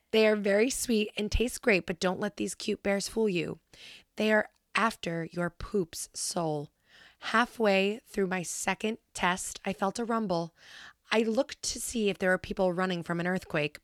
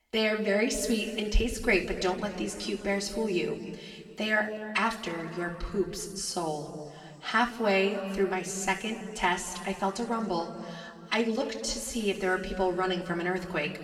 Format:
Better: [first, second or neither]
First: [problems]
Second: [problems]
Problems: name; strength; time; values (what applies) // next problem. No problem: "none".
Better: first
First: none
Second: room echo; slight; dies away in 2 s // off-mic speech; far